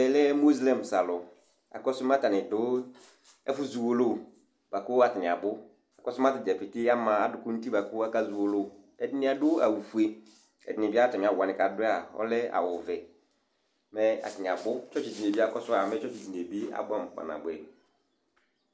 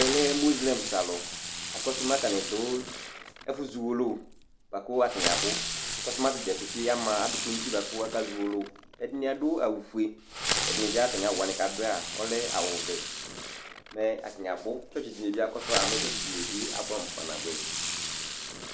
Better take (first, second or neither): first